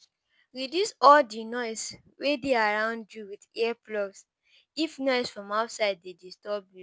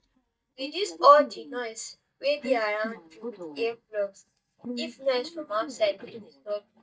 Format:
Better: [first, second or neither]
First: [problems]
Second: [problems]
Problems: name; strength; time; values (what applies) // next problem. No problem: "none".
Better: first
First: none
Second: noise reduction (neural mask model DeepFilterNet 3)